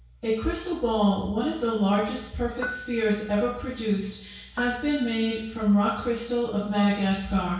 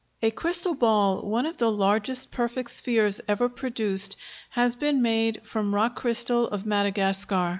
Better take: second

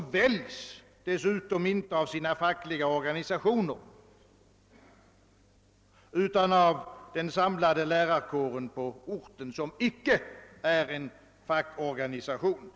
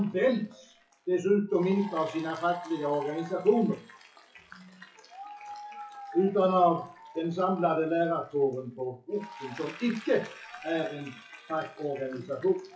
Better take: first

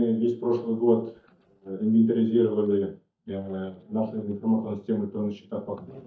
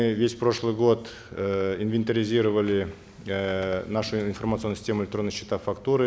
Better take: second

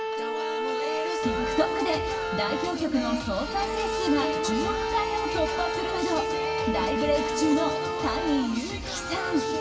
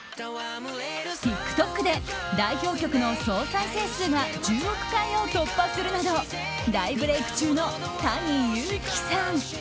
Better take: second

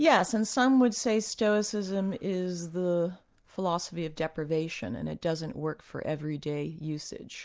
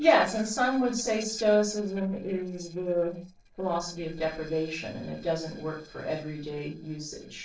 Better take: first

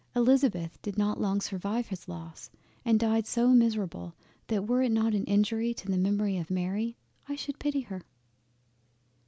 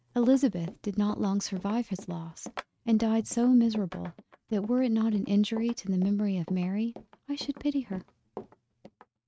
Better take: first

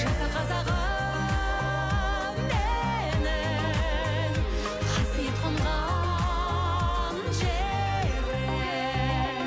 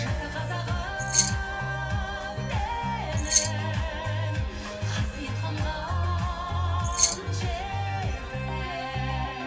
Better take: first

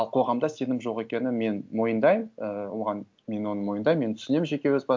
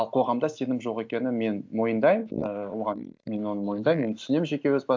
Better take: first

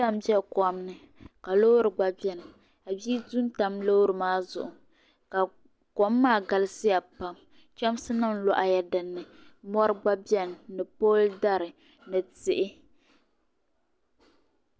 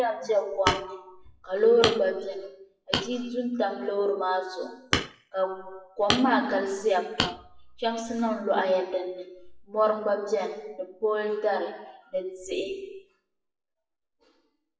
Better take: first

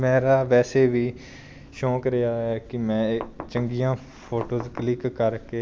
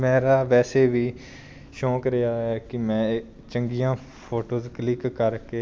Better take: second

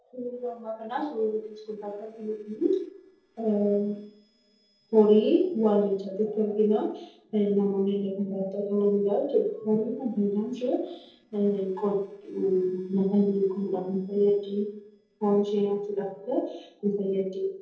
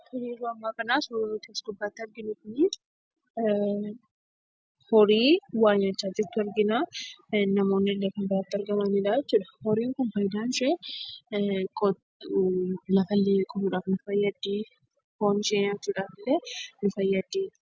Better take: second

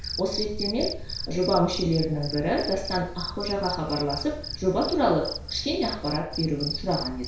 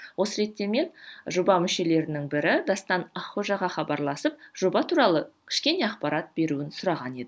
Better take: second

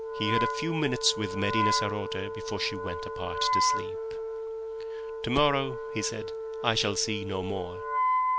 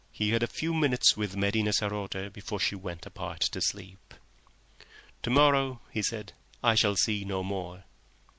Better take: second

